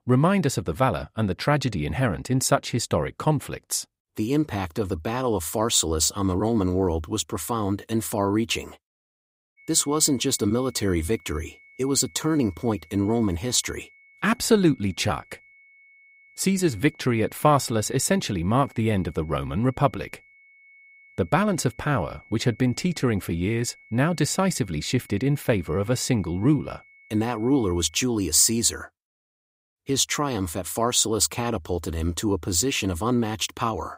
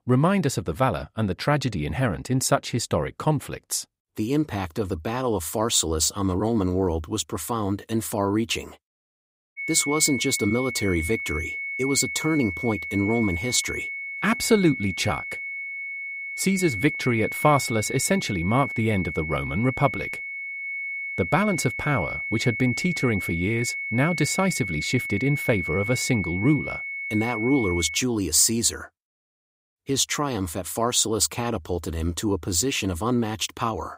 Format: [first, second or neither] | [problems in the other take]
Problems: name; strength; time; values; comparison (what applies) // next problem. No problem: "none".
first | high-pitched whine; loud; from 9.5 to 28 s; 2 kHz, 5 dB below the speech; faint in the first